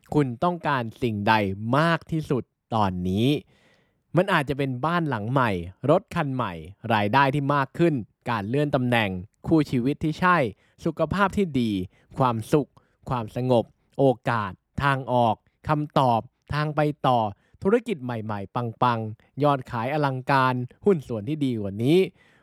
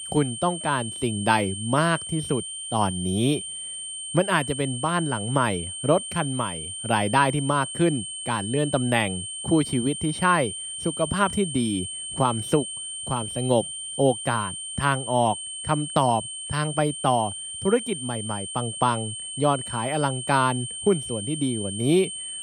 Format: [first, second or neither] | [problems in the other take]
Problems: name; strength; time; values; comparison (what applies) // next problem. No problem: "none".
first | high-pitched whine; loud; throughout; 3 kHz, 6 dB below the speech